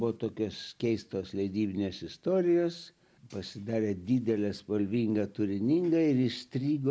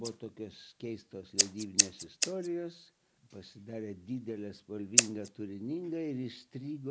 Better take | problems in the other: first | background sound (Scissors); 4 dB above the speech

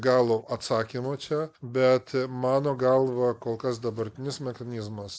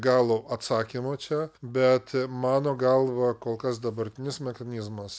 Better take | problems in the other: second | noise reduction (neural mask model Resemble Enhance denoiser)

